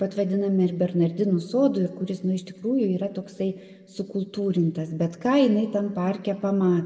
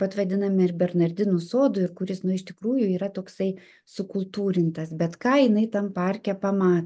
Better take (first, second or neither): second